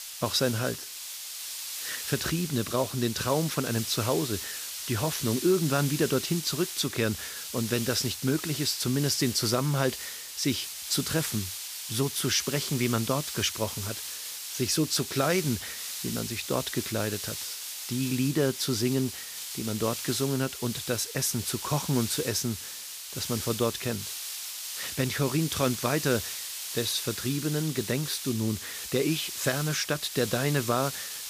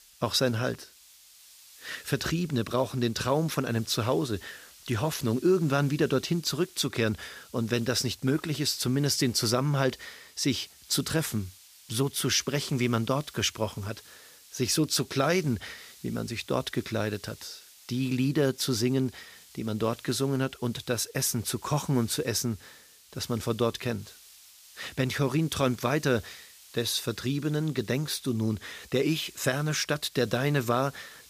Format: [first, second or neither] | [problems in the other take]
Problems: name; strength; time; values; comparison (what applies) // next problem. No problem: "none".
second | hiss; loud; throughout; 6 dB below the speech; faint in the second